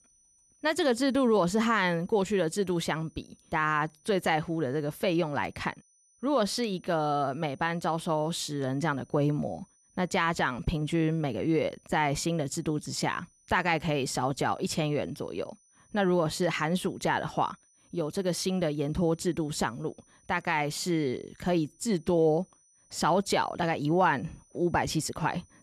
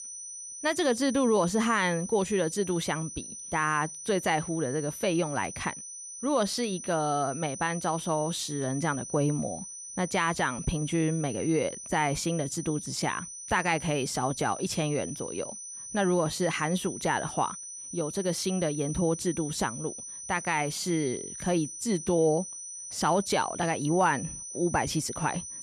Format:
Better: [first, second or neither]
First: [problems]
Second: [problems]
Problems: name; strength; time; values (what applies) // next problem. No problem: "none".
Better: first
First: high-pitched whine; faint; throughout; 6 kHz, 35 dB below the speech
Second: high-pitched whine; loud; throughout; 6 kHz, 9 dB below the speech